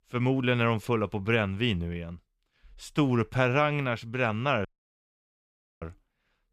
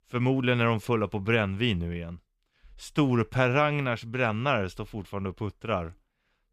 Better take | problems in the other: second | audio cutting out; at 4.5 s for 1 s

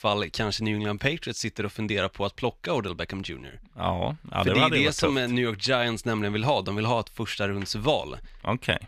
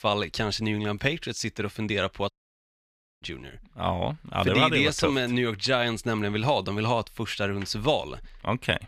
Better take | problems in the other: first | audio cutting out; at 2.5 s for 1 s

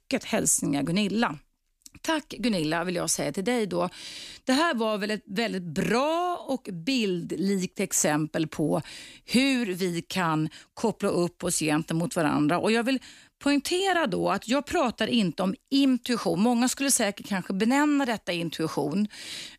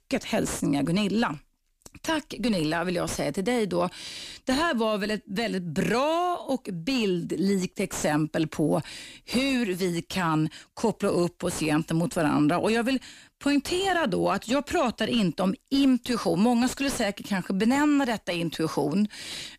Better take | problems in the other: first | distortion; slight; 10 dB below the speech

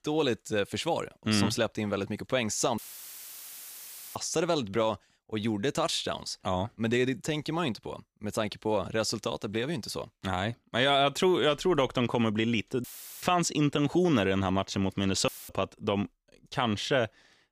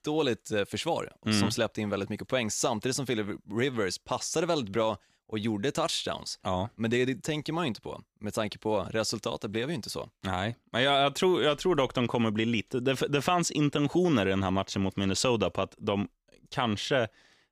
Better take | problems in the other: second | audio cutting out; filled with static; at 3 s for 1.5 s, at 13 s and at 15 s

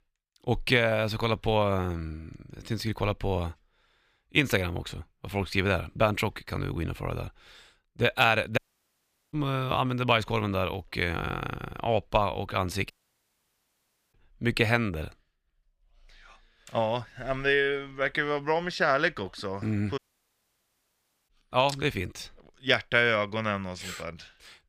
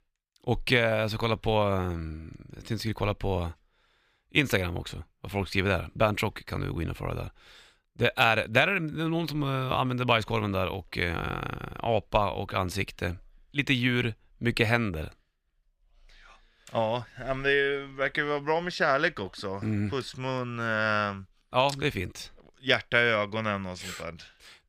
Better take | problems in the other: second | audio cutting out; at 8.5 s for 1 s, at 13 s for 1 s and at 20 s for 1.5 s

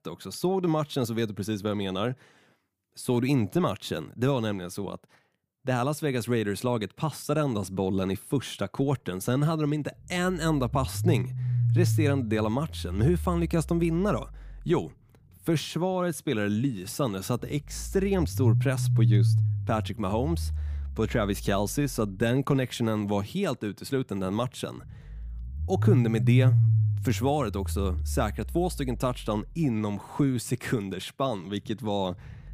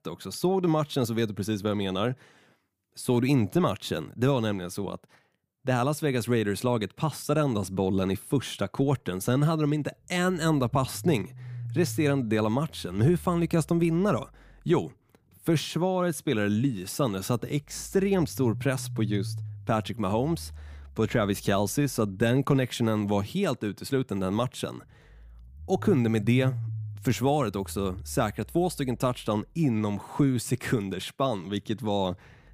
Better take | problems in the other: second | low rumble; loud; from 9 s on; 10 dB below the speech; faint in the second

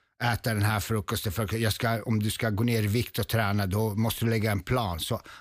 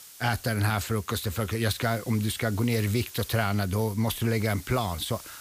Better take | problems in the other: first | hiss; noticeable; throughout; 15 dB below the speech

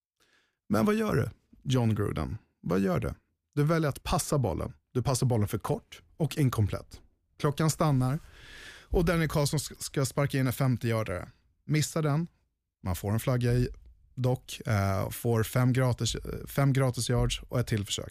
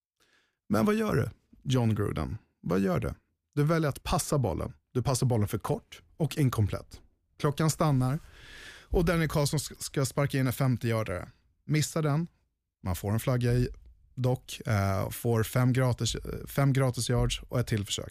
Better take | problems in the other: neither | none

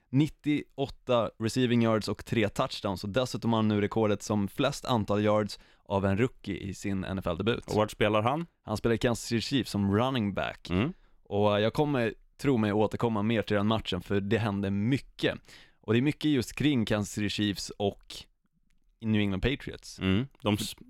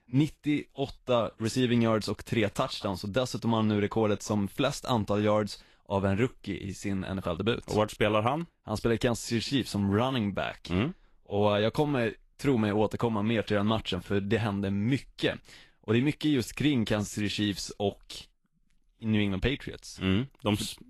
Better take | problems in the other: first | garbled, watery; slightly; nothing above 12.5 kHz

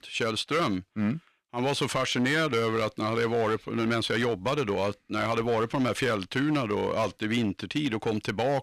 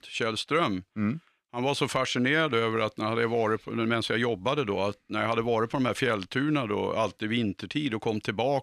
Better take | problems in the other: second | distortion; slight; 8% of the sound clipped

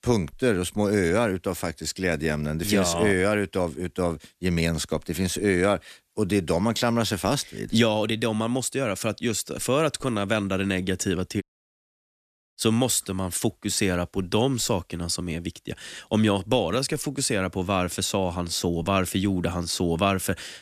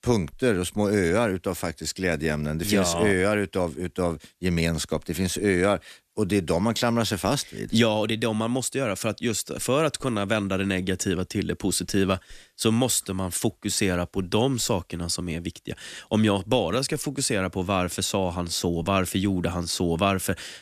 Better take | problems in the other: second | audio cutting out; at 11 s for 1 s

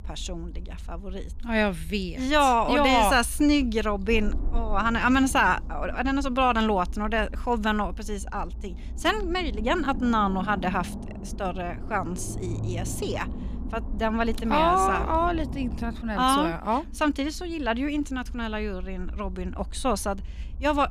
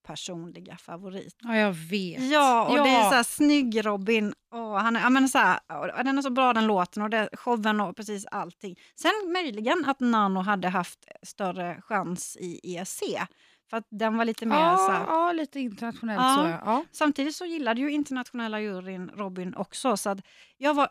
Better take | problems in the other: second | low rumble; faint; throughout; 20 dB below the speech

